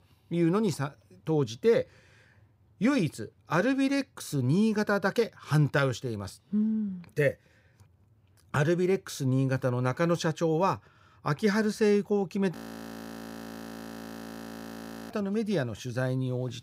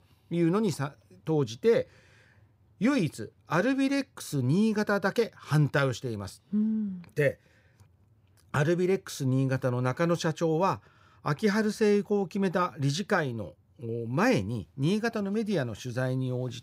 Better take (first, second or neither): second